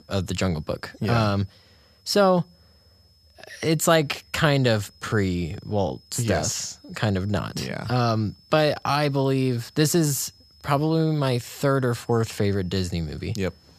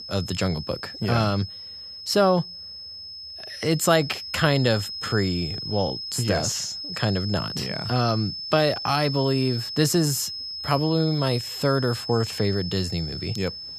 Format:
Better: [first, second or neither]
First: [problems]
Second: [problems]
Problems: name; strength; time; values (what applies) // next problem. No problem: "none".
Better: first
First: high-pitched whine; faint; throughout; 5 kHz, 30 dB below the speech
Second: high-pitched whine; loud; throughout; 5 kHz, 7 dB below the speech